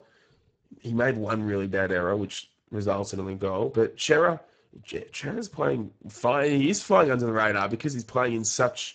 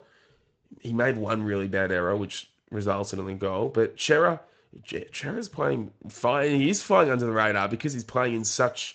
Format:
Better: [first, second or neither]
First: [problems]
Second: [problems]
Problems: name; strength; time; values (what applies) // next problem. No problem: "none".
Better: second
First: garbled, watery; badly; nothing above 7.5 kHz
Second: garbled, watery; slightly